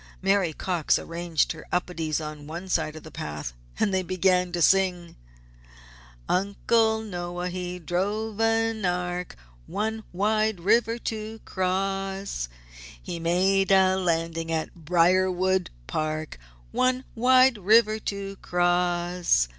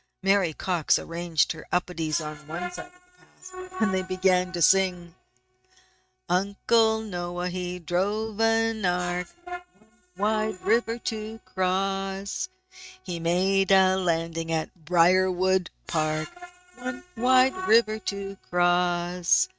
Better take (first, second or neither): first